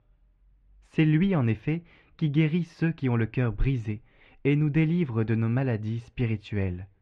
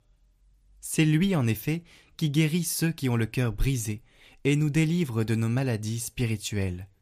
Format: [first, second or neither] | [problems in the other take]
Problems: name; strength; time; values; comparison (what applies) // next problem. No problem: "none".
second | muffled; very; fading above 2.5 kHz